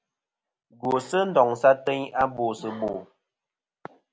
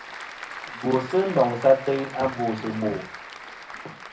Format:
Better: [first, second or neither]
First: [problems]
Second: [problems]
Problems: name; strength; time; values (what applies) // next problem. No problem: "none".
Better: first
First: none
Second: background sound (Applause / Crowd); 13 dB below the speech // room echo; dies away in 0.4 s